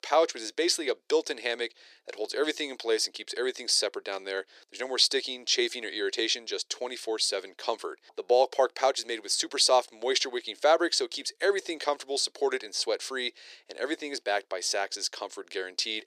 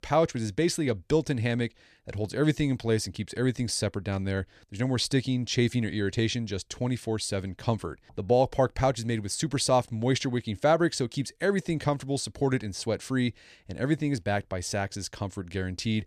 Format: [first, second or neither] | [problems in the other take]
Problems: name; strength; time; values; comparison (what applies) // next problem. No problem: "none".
second | thin; very; fading below 350 Hz